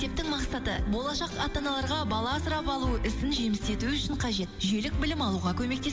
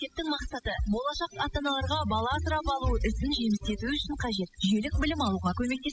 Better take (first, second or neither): first